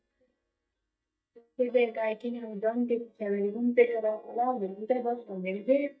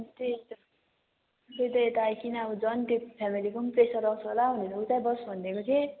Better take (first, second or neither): second